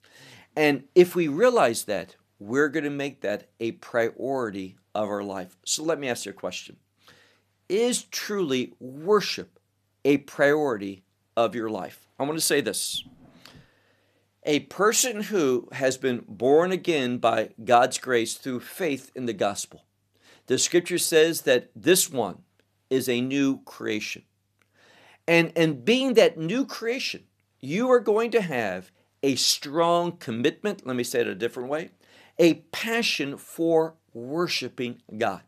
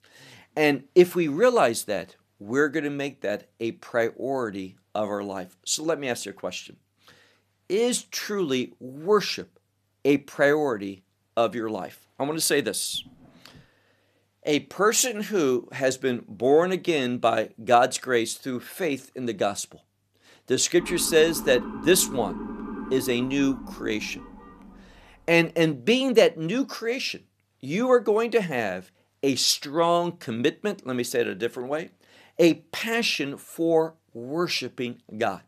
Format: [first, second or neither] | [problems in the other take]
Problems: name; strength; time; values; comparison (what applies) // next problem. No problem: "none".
first | siren; noticeable; from 21 to 25 s; peak 10 dB below the speech